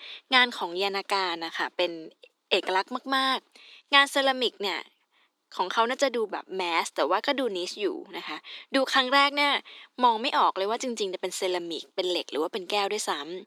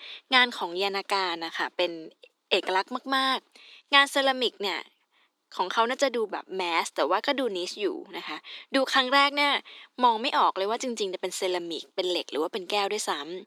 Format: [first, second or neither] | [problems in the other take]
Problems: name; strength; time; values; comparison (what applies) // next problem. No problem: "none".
neither | thin; somewhat; fading below 300 Hz; the same in both